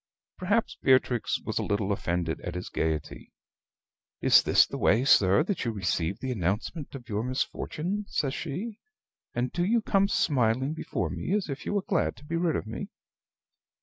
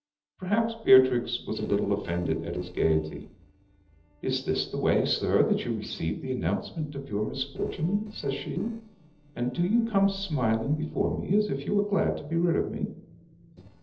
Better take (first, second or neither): first